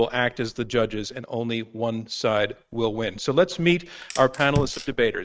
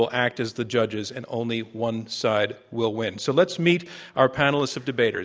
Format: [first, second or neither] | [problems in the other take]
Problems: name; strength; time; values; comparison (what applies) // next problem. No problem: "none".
second | noise reduction (neural mask model RNNoise)